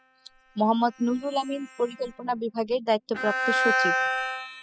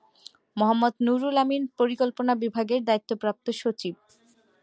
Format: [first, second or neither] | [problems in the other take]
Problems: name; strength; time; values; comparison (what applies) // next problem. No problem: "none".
second | noise reduction (classical method spectral subtraction)